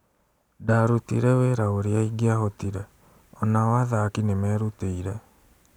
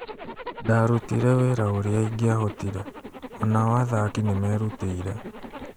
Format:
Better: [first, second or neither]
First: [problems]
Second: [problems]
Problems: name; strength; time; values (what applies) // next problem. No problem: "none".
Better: first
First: none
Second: background sound (Zipper (clothing)); 14 dB below the speech